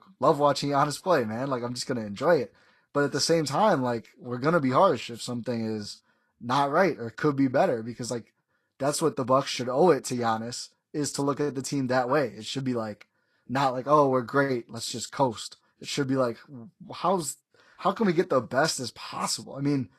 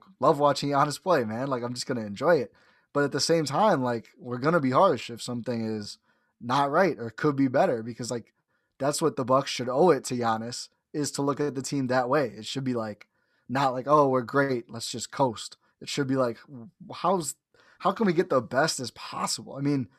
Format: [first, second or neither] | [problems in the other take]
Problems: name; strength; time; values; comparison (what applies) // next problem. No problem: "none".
second | garbled, watery; slightly; nothing above 13.5 kHz